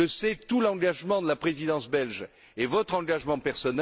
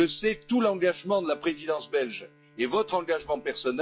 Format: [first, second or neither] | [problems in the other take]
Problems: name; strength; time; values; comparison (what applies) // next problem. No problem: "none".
first | noise reduction (classical method log-MMSE)